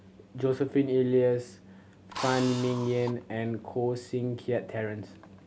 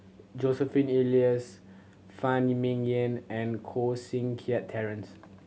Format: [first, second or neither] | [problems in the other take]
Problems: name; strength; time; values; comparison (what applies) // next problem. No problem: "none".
second | background sound (Drill); 11 dB below the speech